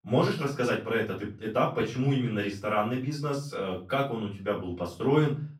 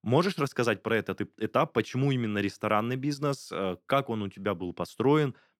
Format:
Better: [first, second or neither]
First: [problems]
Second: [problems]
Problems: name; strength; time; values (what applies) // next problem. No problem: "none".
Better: second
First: off-mic speech; far // room echo; slight; dies away in 0.3 s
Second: none